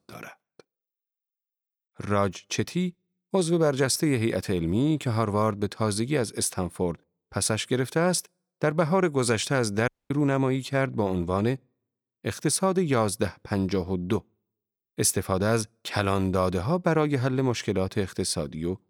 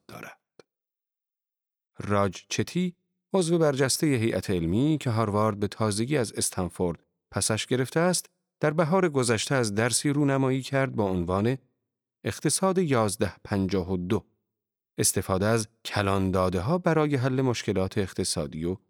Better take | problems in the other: second | audio cutting out; at 10 s

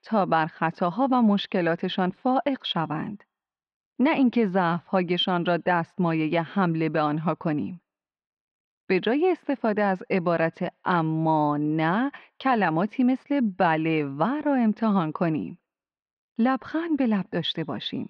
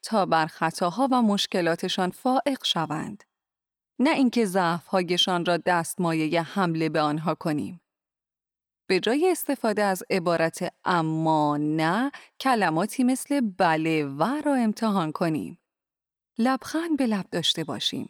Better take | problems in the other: second | muffled; slightly; fading above 3 kHz

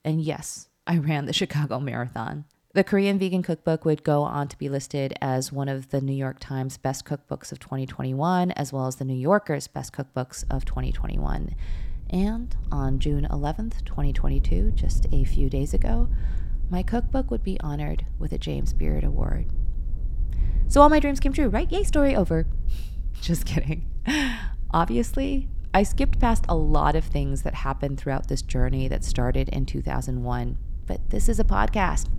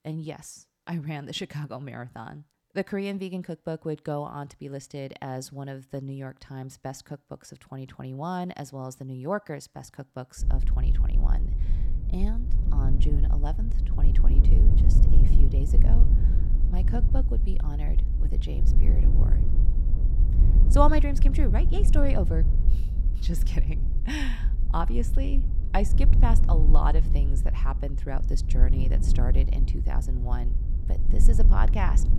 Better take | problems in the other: first | low rumble; loud; from 10 s on; 8 dB below the speech; faint in the first

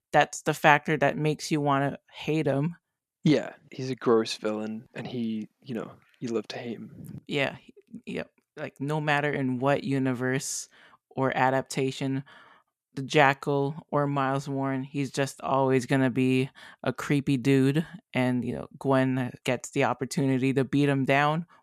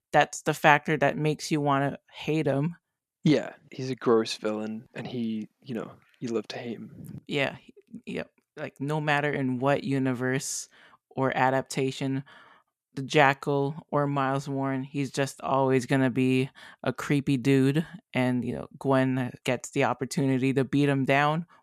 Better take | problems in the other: neither | none

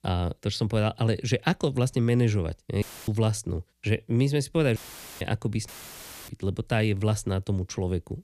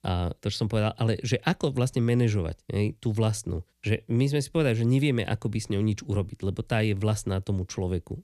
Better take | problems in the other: second | audio cutting out; filled with static; at 3 s, at 5 s and at 5.5 s for 0.5 s

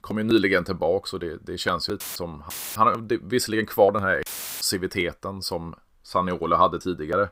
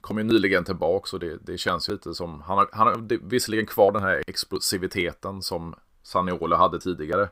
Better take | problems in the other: second | audio cutting out; filled with static; at 2 s, at 2.5 s and at 4.5 s

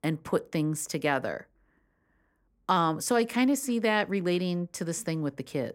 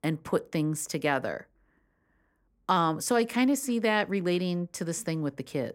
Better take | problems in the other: neither | none

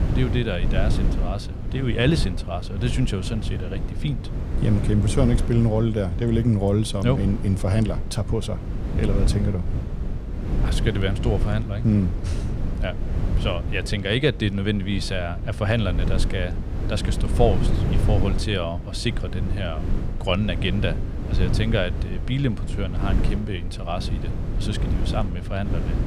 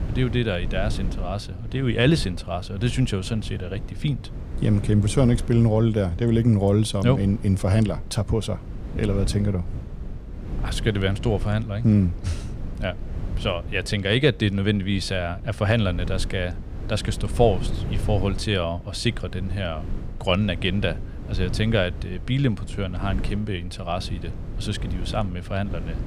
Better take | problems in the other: second | wind noise on the microphone; heavy; 9 dB below the speech; occasional gusts in the second

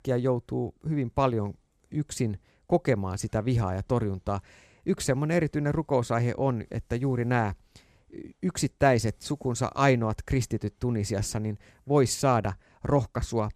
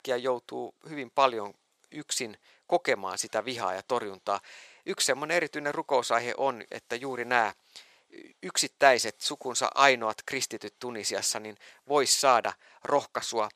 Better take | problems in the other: first | thin; very; fading below 650 Hz

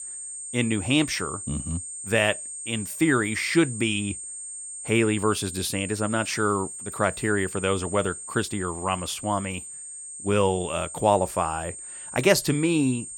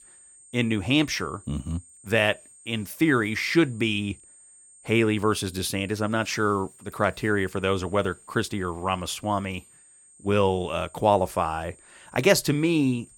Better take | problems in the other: second | high-pitched whine; loud; throughout; 8.5 kHz, 9 dB below the speech; faint in the second

